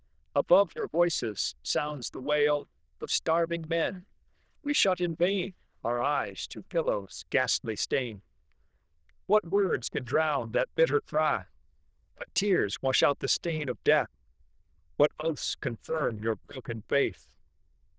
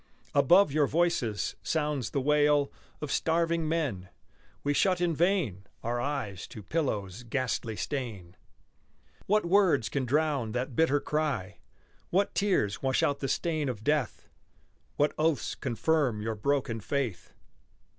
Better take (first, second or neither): second